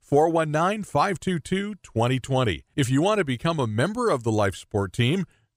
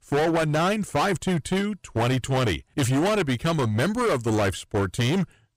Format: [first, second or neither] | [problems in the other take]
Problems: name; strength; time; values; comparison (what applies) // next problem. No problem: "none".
first | distortion; heavy; 23% of the sound clipped